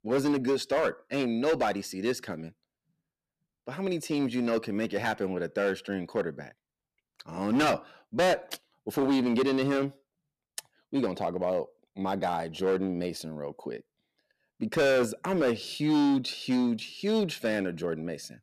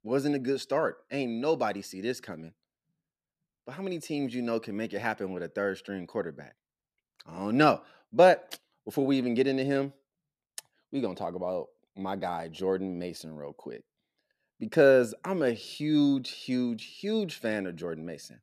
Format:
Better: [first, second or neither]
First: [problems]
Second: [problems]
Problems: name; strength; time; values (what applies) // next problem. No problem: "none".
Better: second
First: distortion; heavy; 7% of the sound clipped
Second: none